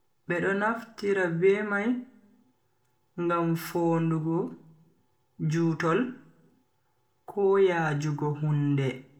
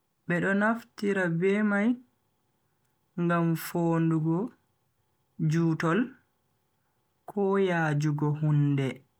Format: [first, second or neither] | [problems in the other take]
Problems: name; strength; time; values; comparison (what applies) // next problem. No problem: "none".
second | room echo; dies away in 0.4 s